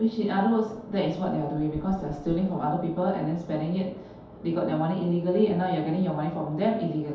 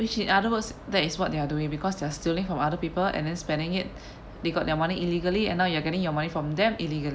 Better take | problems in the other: second | background sound (Dog); 20 dB below the speech // room echo; dies away in 0.8 s

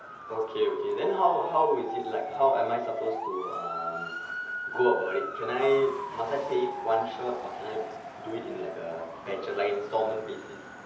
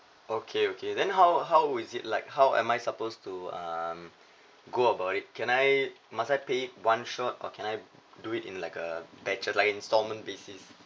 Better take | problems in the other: second | background sound (Motor vehicle (road) / Siren); 8 dB below the speech // room echo; dies away in 0.8 s

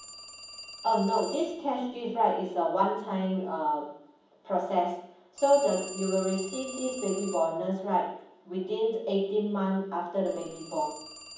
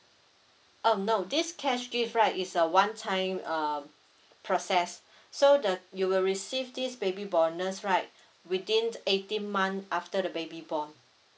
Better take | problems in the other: second | background sound (Telephone); 17 dB below the speech // room echo; dies away in 1.2 s

